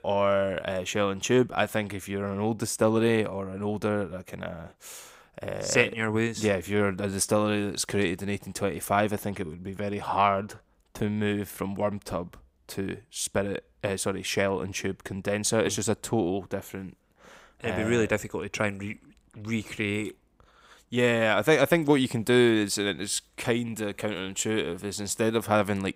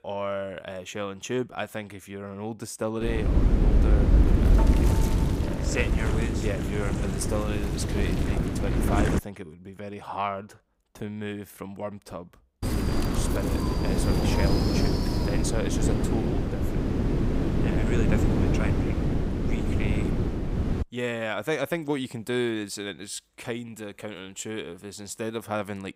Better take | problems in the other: first | wind noise on the microphone; heavy; from 3 to 9 s and from 13 to 21 s; 1 dB above the speech

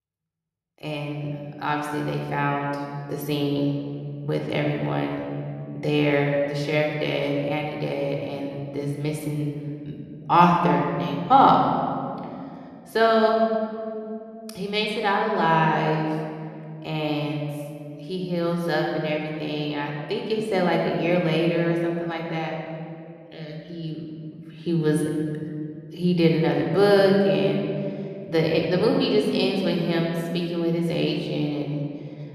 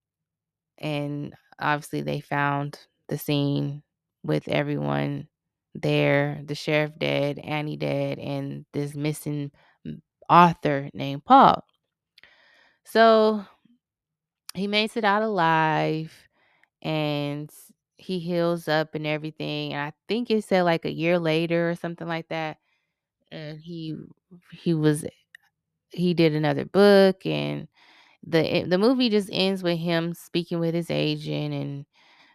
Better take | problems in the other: second | room echo; noticeable; dies away in 2.2 s

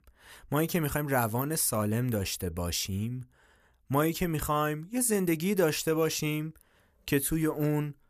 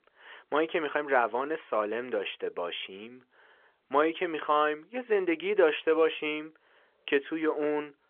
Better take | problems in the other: first | phone-call audio; nothing above 3.5 kHz

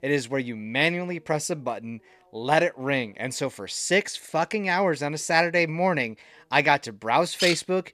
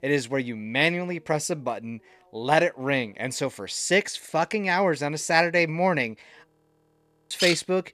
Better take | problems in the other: first | audio freezing; at 6.5 s for 1 s

